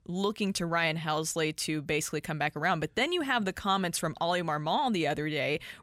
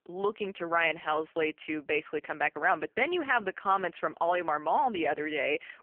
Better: first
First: none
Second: phone-call audio; poor line; nothing above 3 kHz

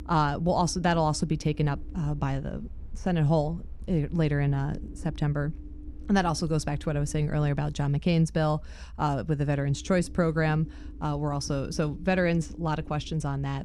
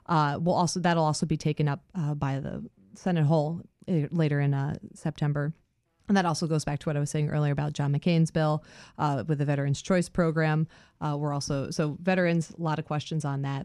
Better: second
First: low rumble; faint; throughout; 20 dB below the speech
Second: none

